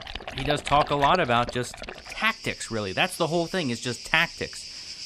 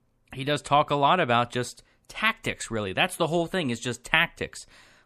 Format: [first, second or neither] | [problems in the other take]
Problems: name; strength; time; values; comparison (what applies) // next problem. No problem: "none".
second | animal sounds; noticeable; throughout; 10 dB below the speech